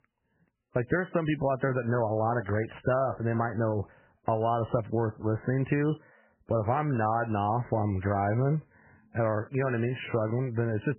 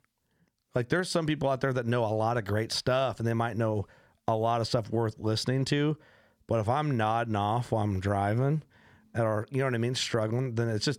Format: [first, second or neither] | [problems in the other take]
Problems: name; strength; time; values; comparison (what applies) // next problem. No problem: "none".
second | garbled, watery; badly; nothing above 3 kHz